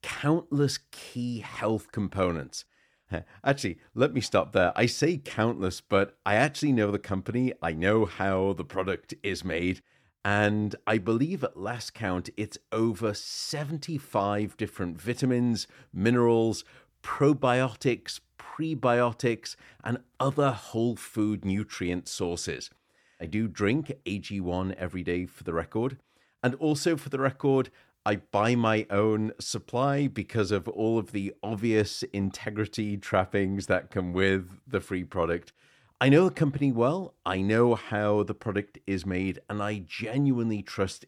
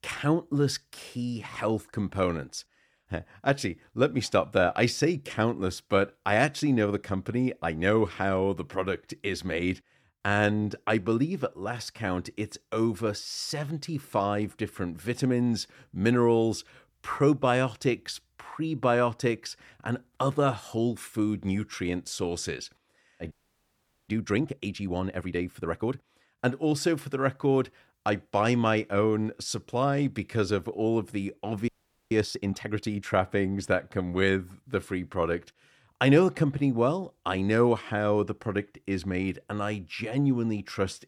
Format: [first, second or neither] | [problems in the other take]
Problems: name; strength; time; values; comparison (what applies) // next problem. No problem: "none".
first | audio freezing; at 23 s for 1 s and at 32 s